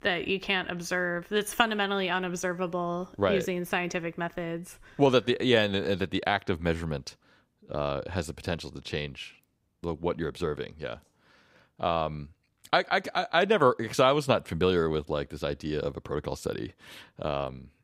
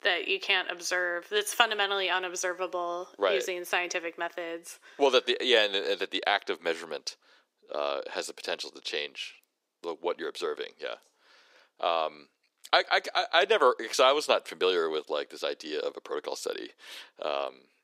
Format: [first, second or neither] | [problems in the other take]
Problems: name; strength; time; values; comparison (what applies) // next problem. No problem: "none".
first | thin; very; fading below 350 Hz